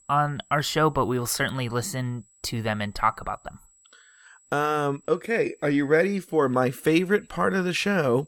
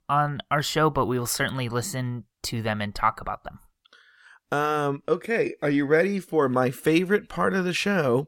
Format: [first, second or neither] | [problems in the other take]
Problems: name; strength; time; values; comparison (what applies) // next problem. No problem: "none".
second | high-pitched whine; faint; throughout; 8 kHz, 30 dB below the speech